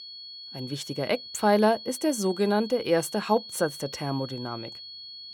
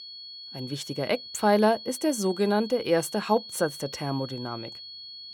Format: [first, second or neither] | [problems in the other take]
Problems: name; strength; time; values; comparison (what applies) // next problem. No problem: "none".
neither | high-pitched whine; noticeable; throughout; 4.5 kHz, 15 dB below the speech; the same in both